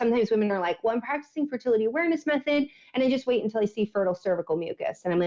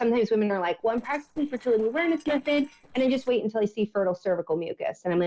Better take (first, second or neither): first